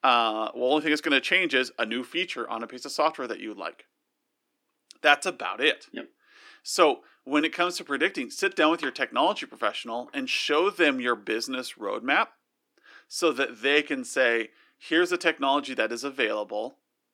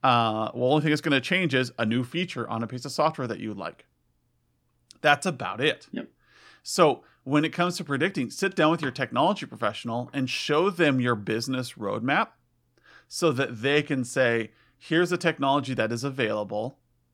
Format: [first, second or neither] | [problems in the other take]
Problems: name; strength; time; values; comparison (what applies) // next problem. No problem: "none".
second | thin; very slightly; fading below 300 Hz